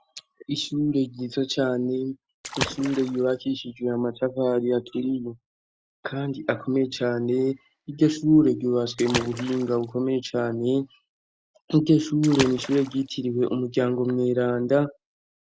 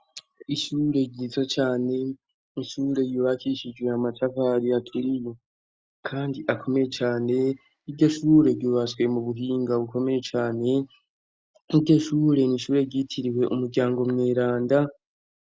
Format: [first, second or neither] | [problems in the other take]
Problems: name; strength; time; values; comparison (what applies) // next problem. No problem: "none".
second | background sound (Water / Splash, splatter); 11 dB below the speech